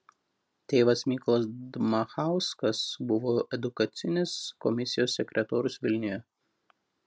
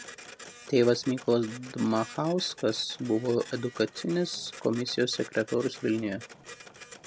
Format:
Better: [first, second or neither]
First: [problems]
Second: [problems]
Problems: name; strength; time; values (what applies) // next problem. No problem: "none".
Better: first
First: none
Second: background sound (Printer); 17 dB below the speech